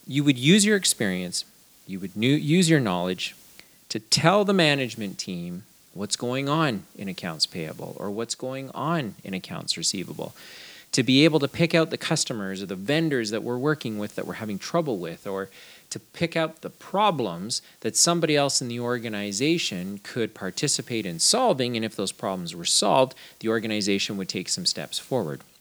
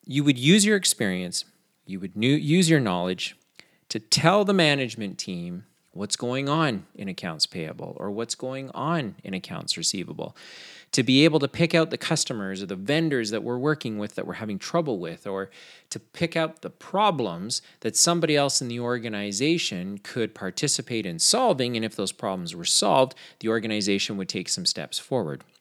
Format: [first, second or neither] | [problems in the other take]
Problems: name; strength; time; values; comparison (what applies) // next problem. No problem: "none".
second | hiss; faint; throughout; 25 dB below the speech